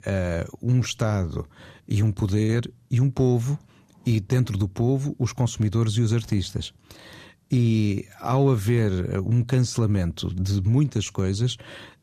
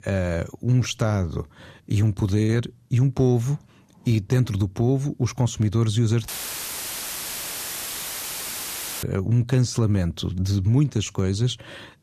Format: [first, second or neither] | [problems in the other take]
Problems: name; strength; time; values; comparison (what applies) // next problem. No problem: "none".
first | audio cutting out; filled with static; at 6.5 s for 2.5 s